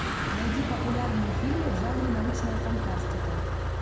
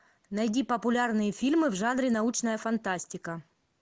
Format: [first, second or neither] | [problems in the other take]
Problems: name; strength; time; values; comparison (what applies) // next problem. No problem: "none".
second | background sound (Motor vehicle (road)); 4 dB above the speech // room echo; dies away in 0.8 s